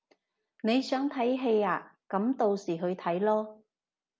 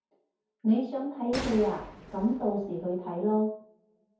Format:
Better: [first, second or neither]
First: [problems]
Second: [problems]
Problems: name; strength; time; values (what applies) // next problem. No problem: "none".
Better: first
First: none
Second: background sound (Gunshot, gunfire); 13 dB below the speech // room echo; dies away in 0.6 s